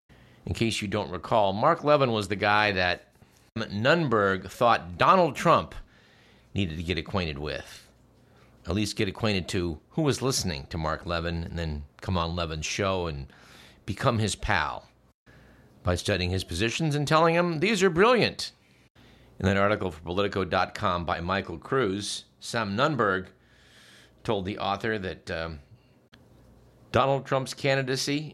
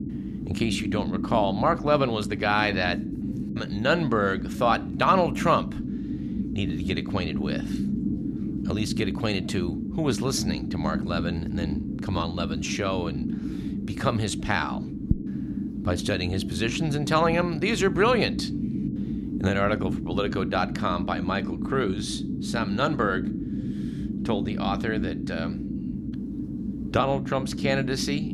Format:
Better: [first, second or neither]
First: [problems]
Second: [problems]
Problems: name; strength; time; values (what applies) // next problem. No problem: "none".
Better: first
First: none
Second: low rumble; noticeable; throughout; 10 dB below the speech